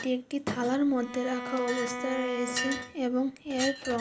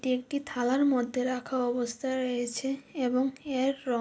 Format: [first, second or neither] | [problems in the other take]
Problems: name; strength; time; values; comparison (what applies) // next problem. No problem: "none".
second | background sound (Bowed string instrument + Chink, clink); 7 dB below the speech